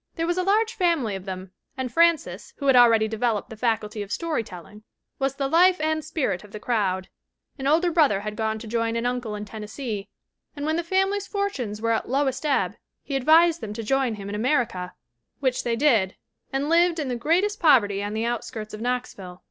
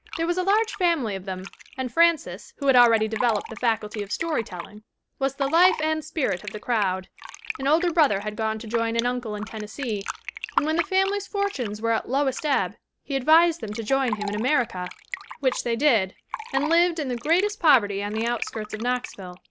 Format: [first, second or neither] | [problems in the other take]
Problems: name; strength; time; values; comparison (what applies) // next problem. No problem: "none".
first | background sound (Fill (with liquid)); 12 dB below the speech